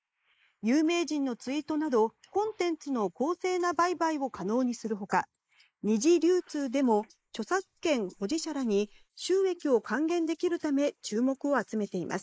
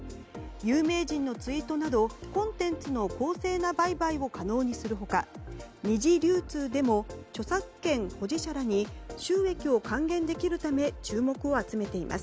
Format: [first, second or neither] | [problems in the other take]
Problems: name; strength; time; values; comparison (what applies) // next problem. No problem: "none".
second | noise reduction (neural mask model Resemble Enhance denoiser)